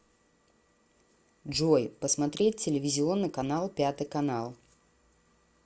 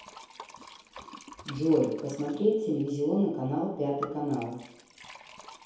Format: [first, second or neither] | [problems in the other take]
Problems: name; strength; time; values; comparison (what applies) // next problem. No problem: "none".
first | background sound (Liquid); 17 dB below the speech // room echo; dies away in 1.8 s